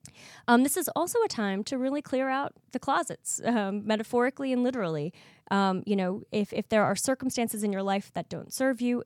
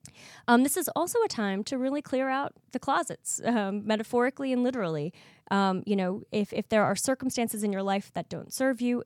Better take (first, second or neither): neither